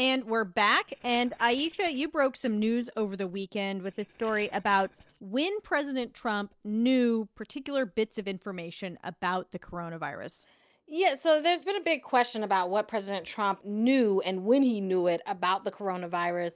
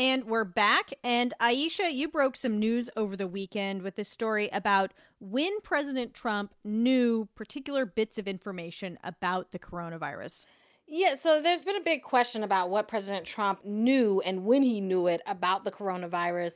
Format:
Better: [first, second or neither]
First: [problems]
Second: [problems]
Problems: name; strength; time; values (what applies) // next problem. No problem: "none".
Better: second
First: noise reduction (neural separator model SepFormer DNS4)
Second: none